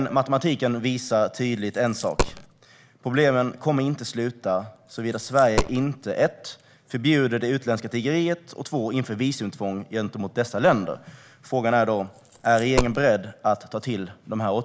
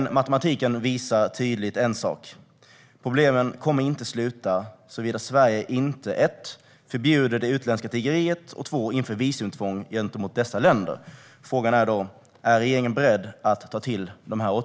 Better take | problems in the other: second | background sound (Coin (dropping)); 7 dB below the speech

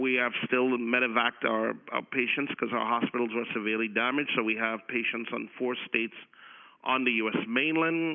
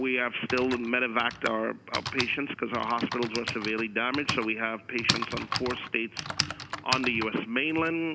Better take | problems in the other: first | background sound (Typing); 7 dB below the speech

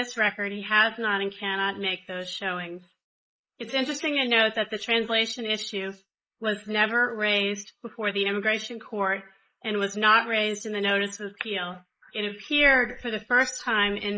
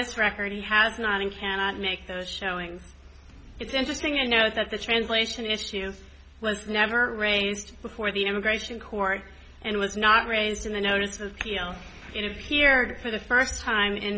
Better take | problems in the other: second | noise reduction (neural mask model Resemble Enhance denoiser)

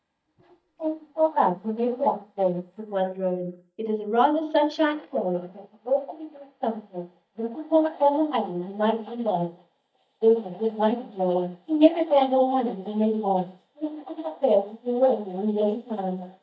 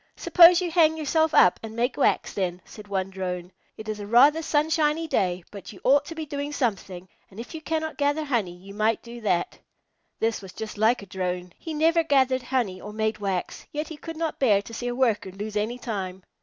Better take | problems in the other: second | noise reduction (neural mask model DeepFilterNet 3)

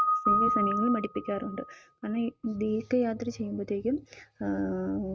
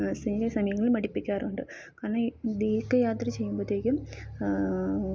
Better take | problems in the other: second | noise reduction (neural mask model RNNoise)

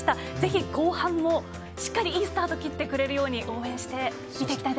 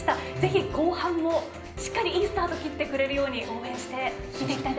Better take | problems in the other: first | background sound (Bell / Drum / Drum kit); 16 dB below the speech // room echo; dies away in 0.5 s

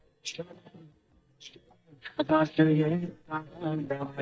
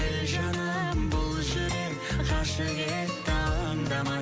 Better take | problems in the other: second | noise reduction (neural mask model DeepFilterNet 3)

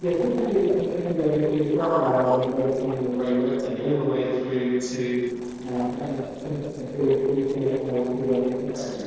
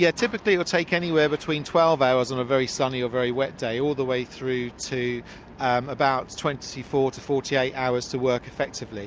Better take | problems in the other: second | noise reduction (neural separator model SepFormer DNS4)

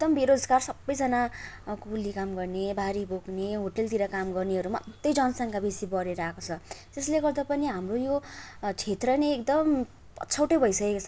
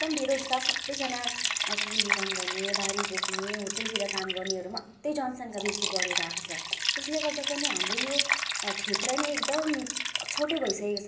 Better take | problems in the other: first | background sound (Liquid); 2 dB above the speech // room echo; dies away in 0.5 s

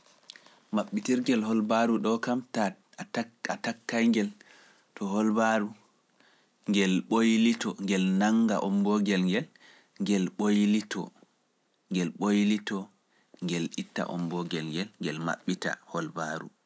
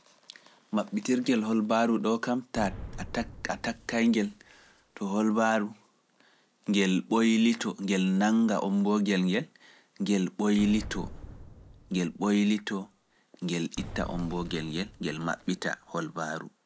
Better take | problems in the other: first | background sound (Boom); 15 dB below the speech

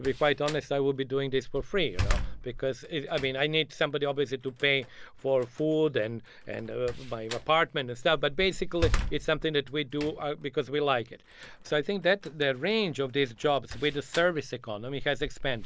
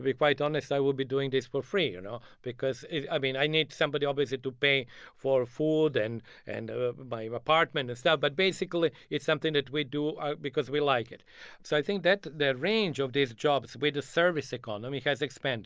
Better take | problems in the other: second | background sound (Slam); 8 dB below the speech

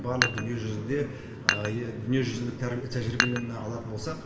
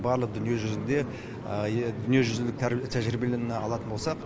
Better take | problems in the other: second | background sound (Dishes, pots, and pans); 2 dB below the speech // room echo; dies away in 0.9 s

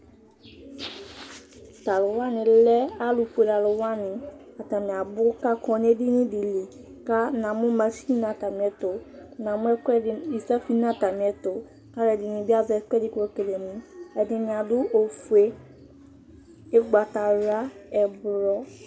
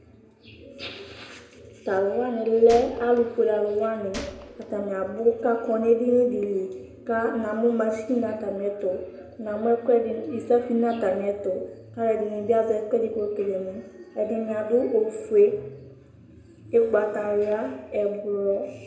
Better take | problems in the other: first | background sound (Gunshot, gunfire); 17 dB below the speech // room echo; dies away in 0.8 s

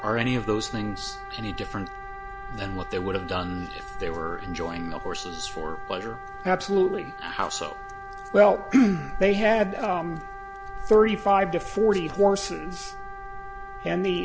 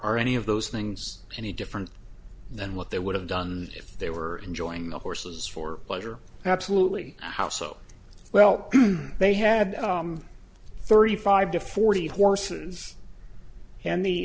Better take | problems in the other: second | background sound (Wind instrument, woodwind instrument); 13 dB below the speech

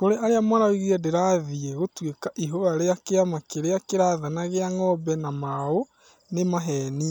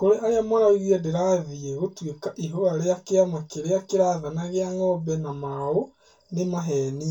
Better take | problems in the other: first | room echo; dies away in 0.2 s

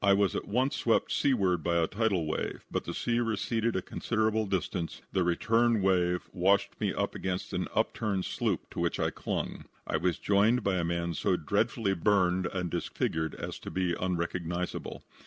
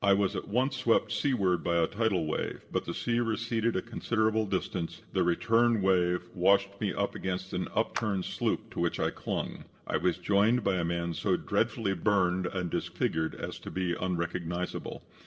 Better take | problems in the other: first | noise reduction (neural separator model SepFormer DNS4)

